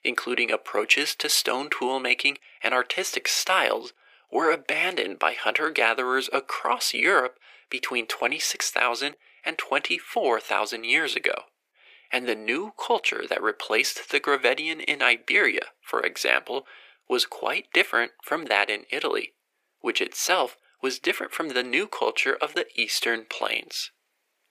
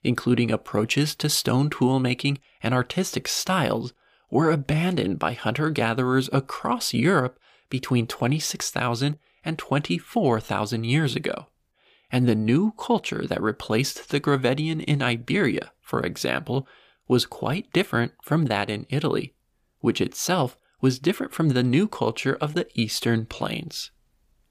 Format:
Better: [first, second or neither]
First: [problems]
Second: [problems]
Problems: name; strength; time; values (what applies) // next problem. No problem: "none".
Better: second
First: thin; very; fading below 400 Hz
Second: none